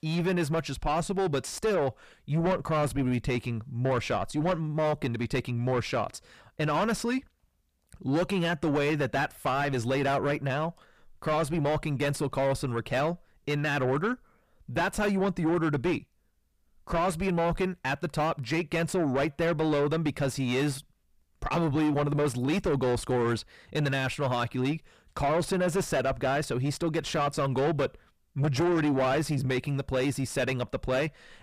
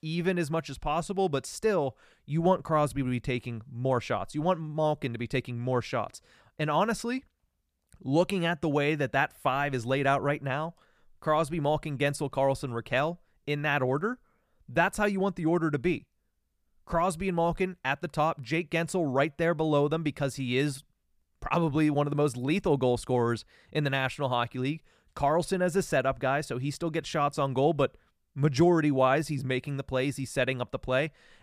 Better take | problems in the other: second | distortion; heavy; 7 dB below the speech

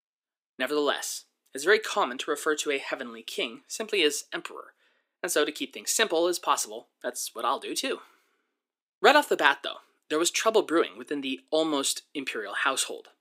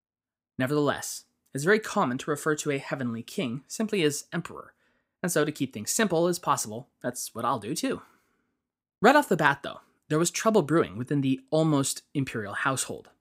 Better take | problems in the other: second | thin; somewhat; fading below 350 Hz

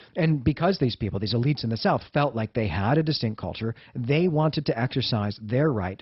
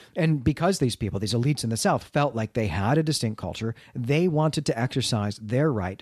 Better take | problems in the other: second | garbled, watery; badly; nothing above 5.5 kHz

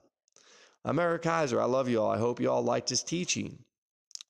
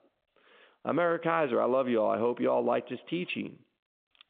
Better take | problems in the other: first | phone-call audio; nothing above 3.5 kHz

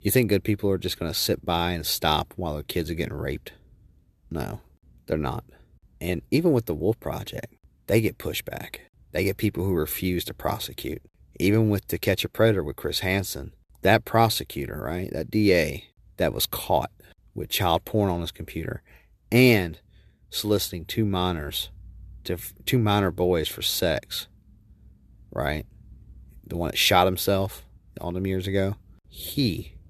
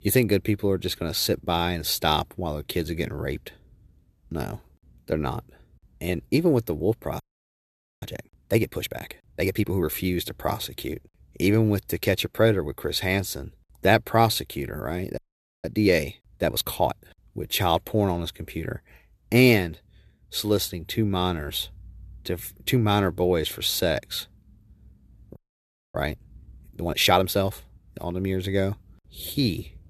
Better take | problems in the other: first | audio freezing; at 7 s for 1 s, at 15 s and at 25 s for 0.5 s

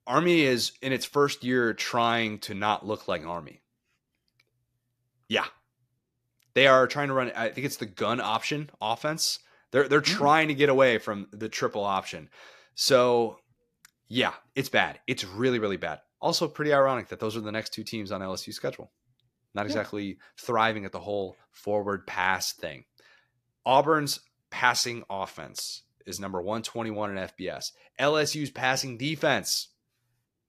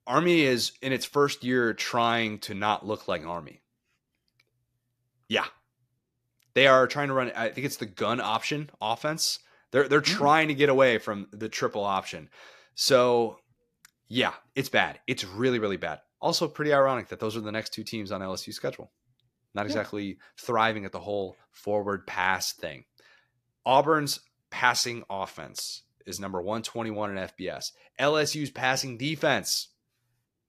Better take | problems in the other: neither | none

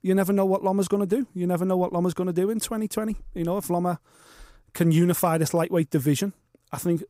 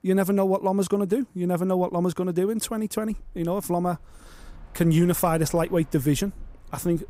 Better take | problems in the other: first | train or aircraft noise; faint; throughout; 25 dB below the speech

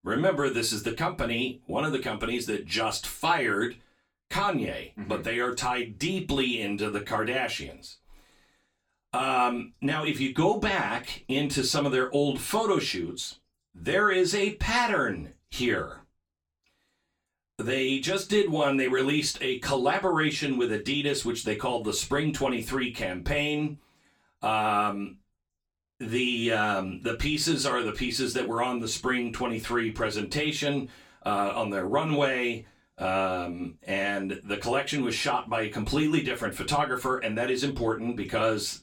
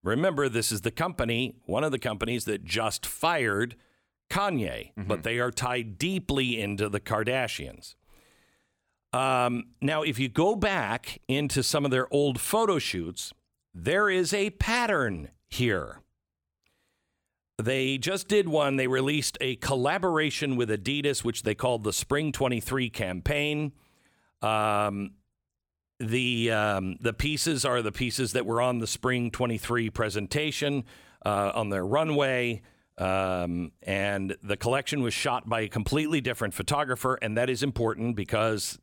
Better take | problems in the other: second | room echo; very slight; dies away in 0.2 s // off-mic speech; far

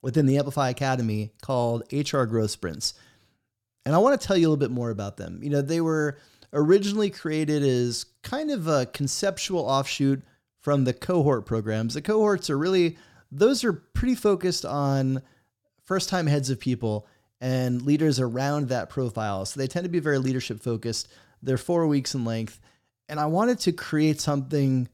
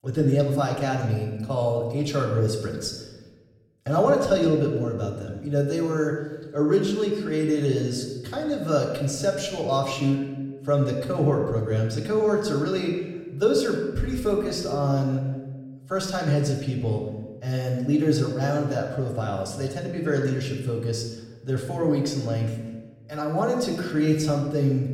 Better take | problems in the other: first | off-mic speech; far // room echo; noticeable; dies away in 1.1 s

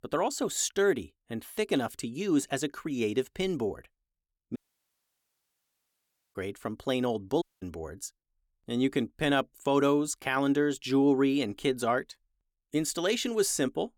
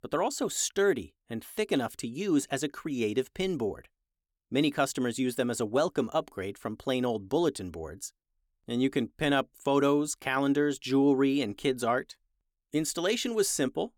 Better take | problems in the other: second | audio cutting out; at 4.5 s for 2 s and at 7.5 s

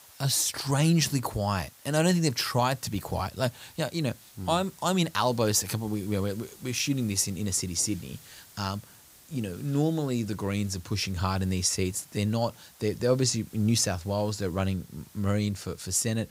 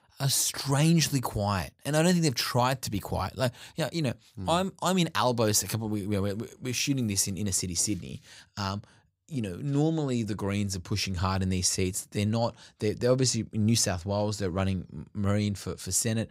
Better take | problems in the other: second | hiss; faint; throughout; 25 dB below the speech

